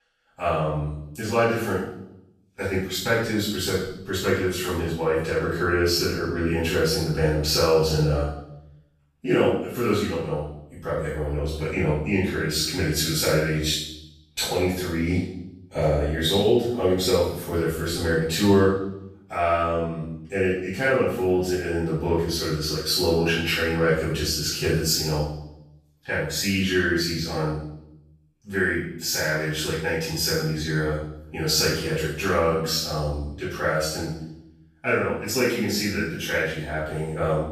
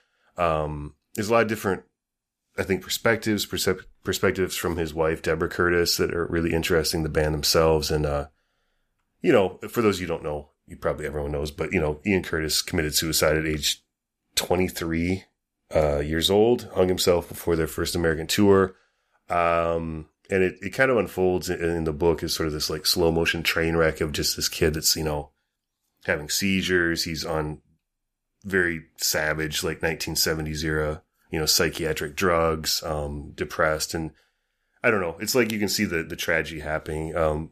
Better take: second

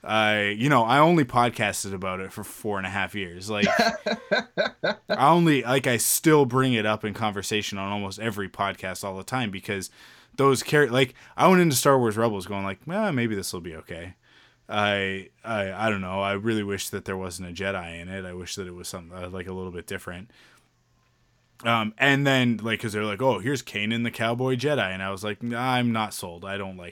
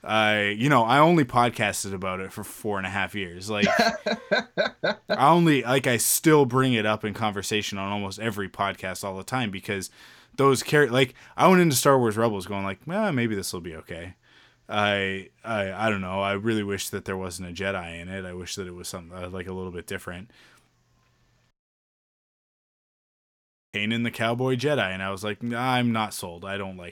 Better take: first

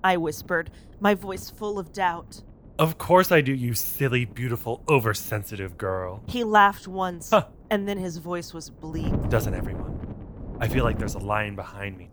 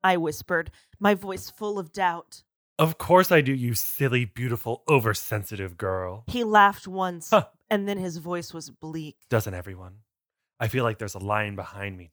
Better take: second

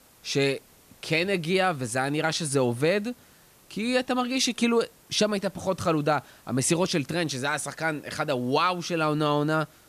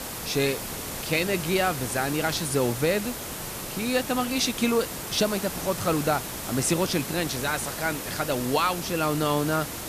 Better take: first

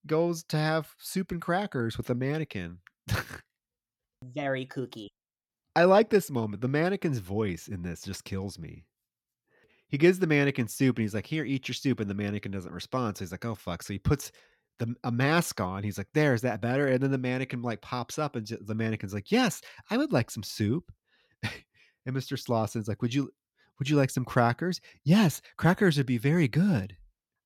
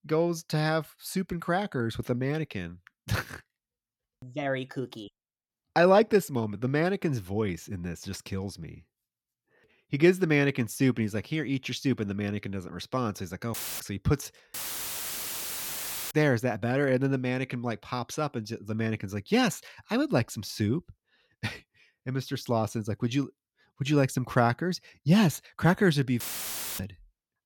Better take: first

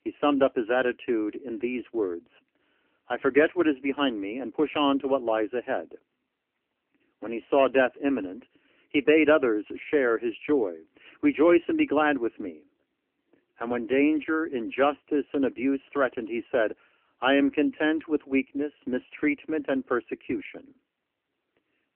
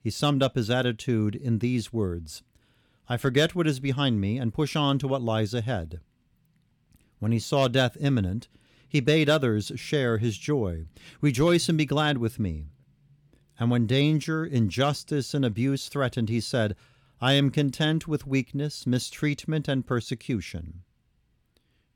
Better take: second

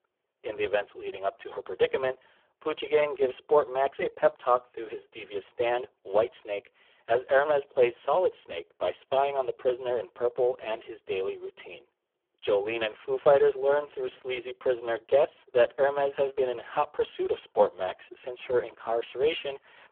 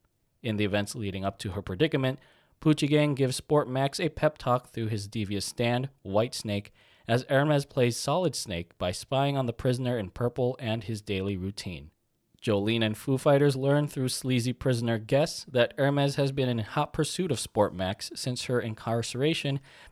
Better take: second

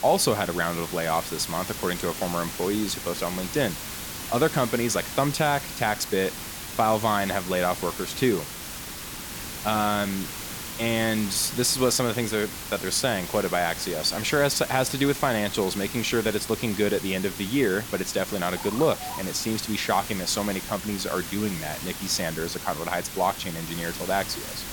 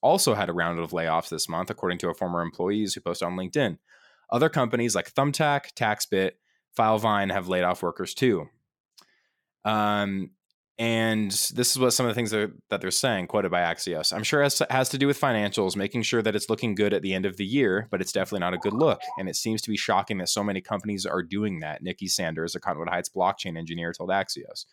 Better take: second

